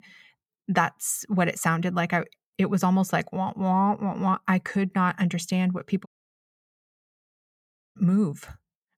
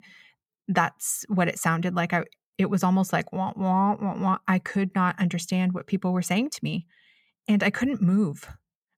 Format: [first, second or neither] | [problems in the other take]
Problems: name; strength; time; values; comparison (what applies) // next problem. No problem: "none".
second | audio cutting out; at 6 s for 2 s